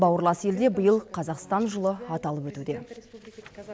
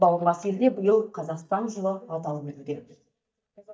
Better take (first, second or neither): first